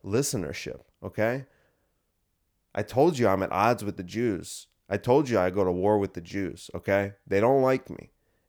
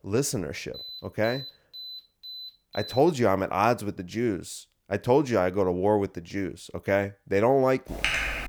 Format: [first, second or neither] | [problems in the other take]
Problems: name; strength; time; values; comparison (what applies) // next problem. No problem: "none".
first | alarm; faint; from 0.5 to 3 s; peak 10 dB below the speech // keyboard typing; loud; at 8 s; peak 1 dB above the speech